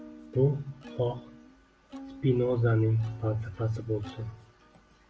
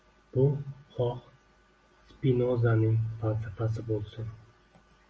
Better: second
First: background sound (Plucked string instrument); 19 dB below the speech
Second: none

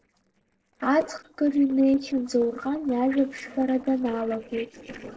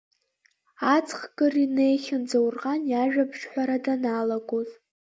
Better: second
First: noise reduction (neural separator model SepFormer DNS4)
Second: none

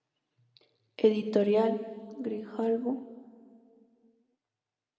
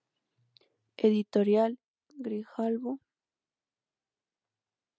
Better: second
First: room echo; dies away in 1.9 s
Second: none

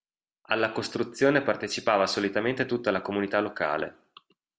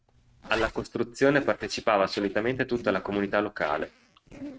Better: first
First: none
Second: noise reduction (neural mask model RNNoise)

